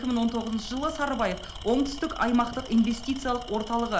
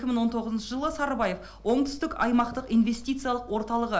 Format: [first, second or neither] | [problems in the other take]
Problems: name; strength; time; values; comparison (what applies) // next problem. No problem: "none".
second | background sound (Tools); 15 dB below the speech